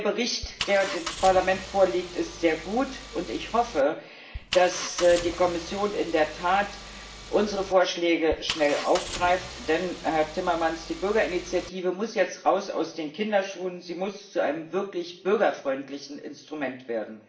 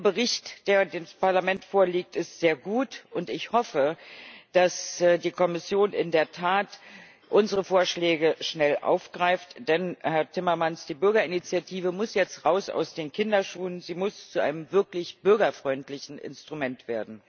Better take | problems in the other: second | background sound (Engine); 12 dB below the speech // room echo; dies away in 0.7 s

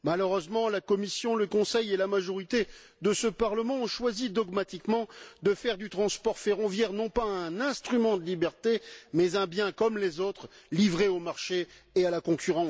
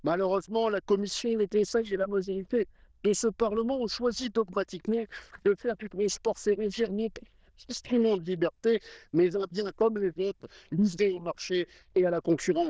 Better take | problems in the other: first | noise reduction (neural diffusion model UNIVERSE++)

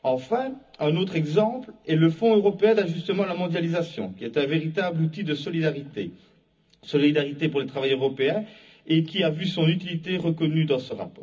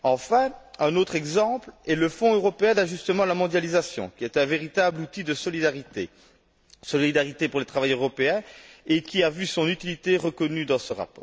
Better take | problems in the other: second | room echo; dies away in 0.4 s

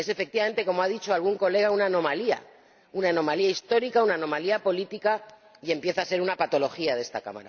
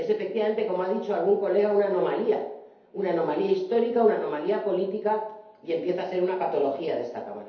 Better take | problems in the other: first | room echo; dies away in 2.2 s

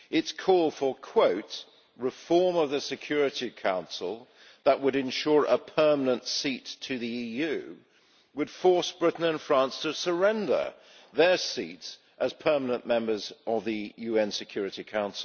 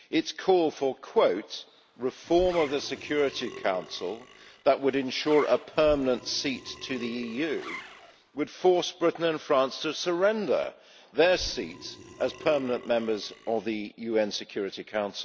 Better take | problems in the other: first | background sound (Zipper (clothing) + Burping, eructation); 17 dB below the speech

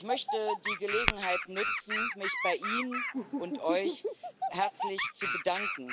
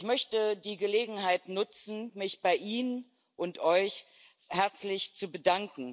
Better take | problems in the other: second | background sound (Animal + Tap / Glass); 1 dB above the speech

